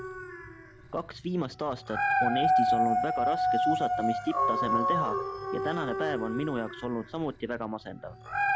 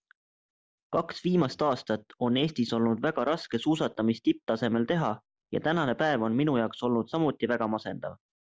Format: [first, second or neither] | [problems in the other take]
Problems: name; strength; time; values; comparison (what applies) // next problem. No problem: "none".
second | background sound (Dog); 4 dB above the speech